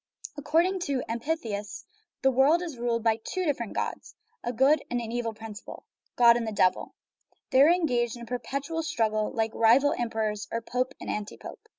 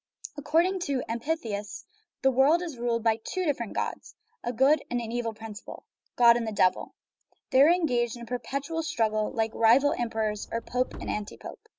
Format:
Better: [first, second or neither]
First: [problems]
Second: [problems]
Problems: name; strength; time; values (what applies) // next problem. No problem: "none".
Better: first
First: none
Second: background sound (Subway, metro, underground); 19 dB below the speech